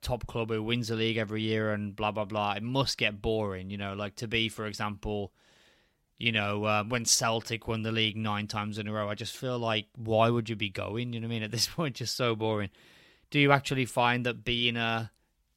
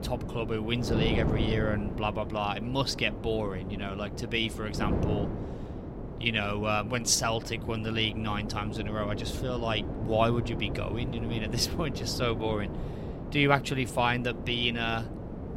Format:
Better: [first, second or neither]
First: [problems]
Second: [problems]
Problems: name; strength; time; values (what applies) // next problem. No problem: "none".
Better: first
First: none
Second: wind noise on the microphone; occasional gusts; 10 dB below the speech